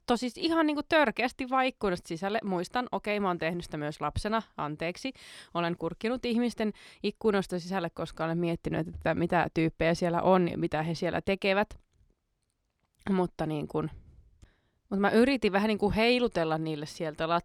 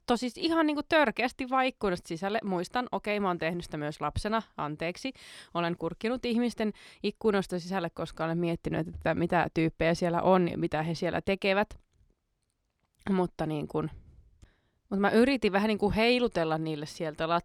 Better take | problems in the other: neither | none

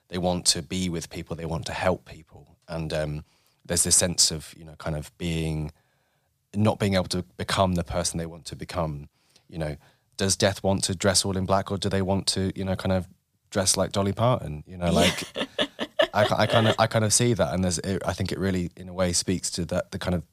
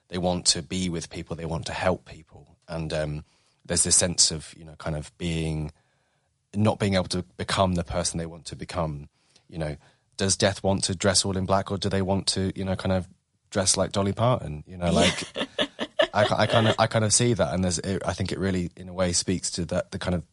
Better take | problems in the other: first | garbled, watery; slightly; nothing above 10.5 kHz

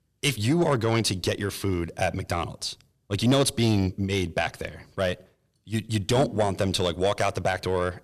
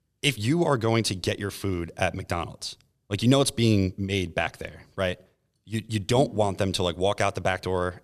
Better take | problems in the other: second | distortion; slight; 10 dB below the speech

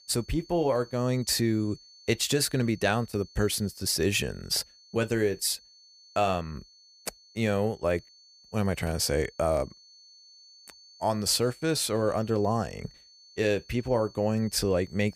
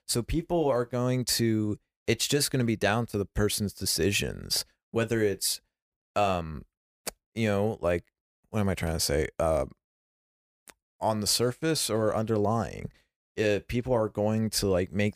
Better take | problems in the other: second | high-pitched whine; faint; throughout; 4.5 kHz, 25 dB below the speech

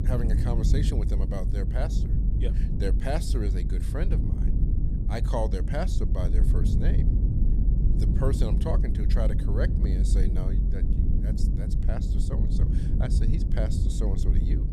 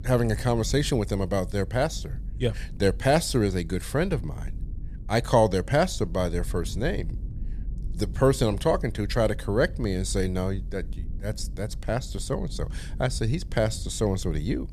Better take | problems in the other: second | low rumble; loud; throughout; 3 dB below the speech; faint in the second

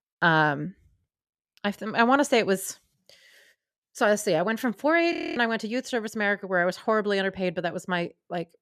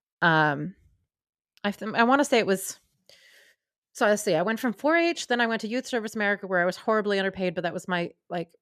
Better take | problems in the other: second | audio freezing; at 5 s

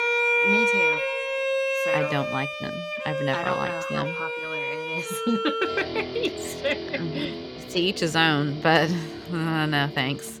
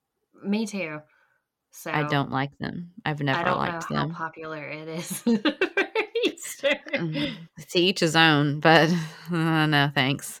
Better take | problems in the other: second | background music; very loud; throughout; as loud as the speech

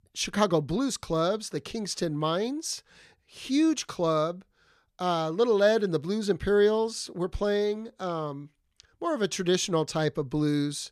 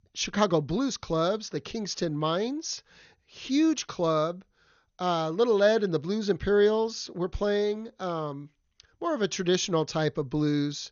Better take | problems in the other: first | garbled, watery; slightly; nothing above 6.5 kHz

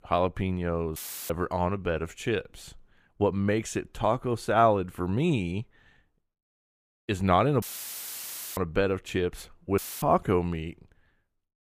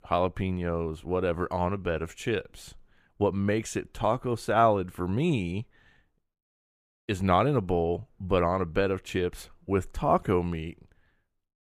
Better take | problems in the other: second | audio cutting out; filled with static; at 1 s, at 7.5 s for 1 s and at 10 s

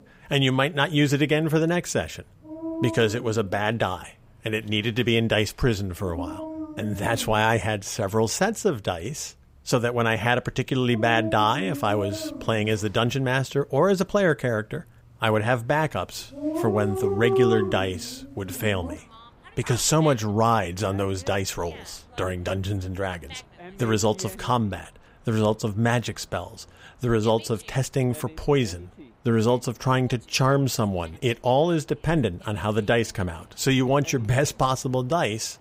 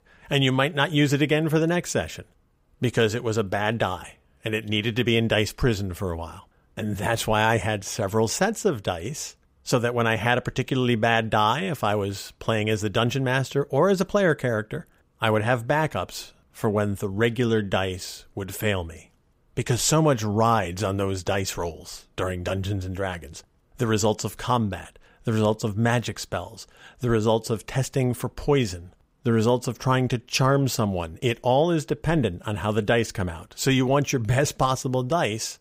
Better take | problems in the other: second | animal sounds; loud; throughout; 9 dB below the speech

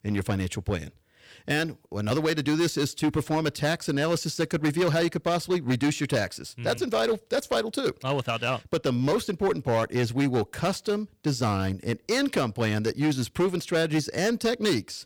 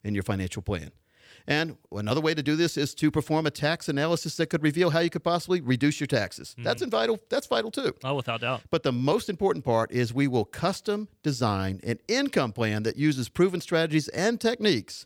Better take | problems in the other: second | distortion; slight; 9% of the sound clipped

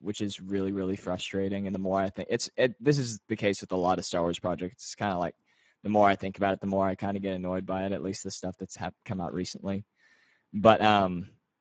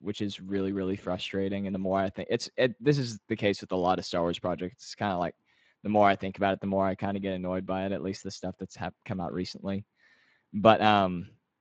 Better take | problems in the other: second | garbled, watery; badly; nothing above 7.5 kHz; slightly in the second

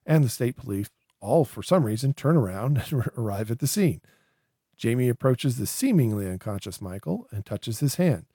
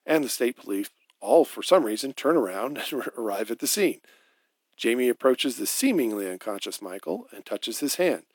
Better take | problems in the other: first | thin; somewhat; fading below 250 Hz

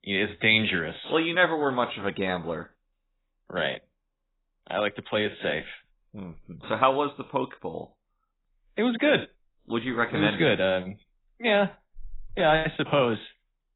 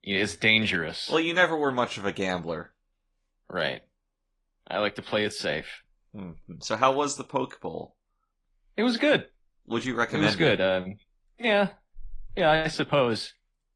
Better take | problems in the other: second | garbled, watery; badly; nothing above 4 kHz; slightly in the second

